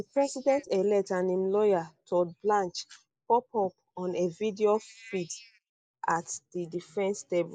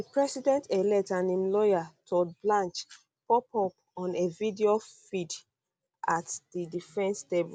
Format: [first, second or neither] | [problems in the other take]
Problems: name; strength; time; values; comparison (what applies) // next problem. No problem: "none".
second | noise reduction (neural mask model Resemble Enhance denoiser)